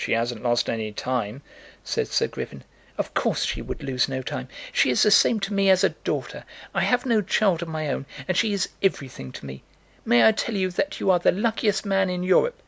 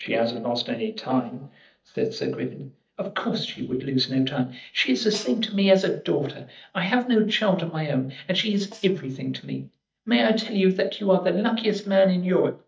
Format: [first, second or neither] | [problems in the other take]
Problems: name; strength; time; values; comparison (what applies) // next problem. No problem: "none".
first | noise reduction (neural mask model DeepFilterNet 3)